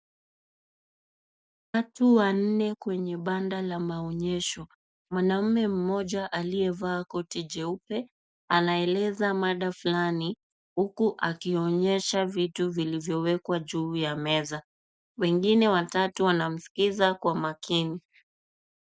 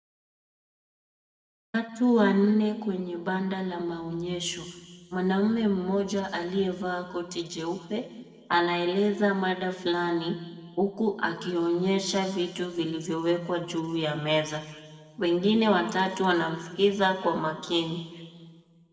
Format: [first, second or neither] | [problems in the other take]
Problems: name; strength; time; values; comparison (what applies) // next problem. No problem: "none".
first | room echo; dies away in 1.6 s